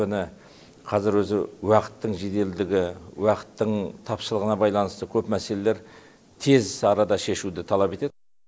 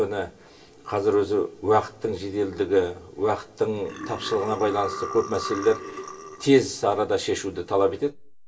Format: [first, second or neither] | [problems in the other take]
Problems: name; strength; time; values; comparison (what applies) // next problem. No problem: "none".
first | background sound (Burping, eructation); 10 dB below the speech // room echo; dies away in 0.2 s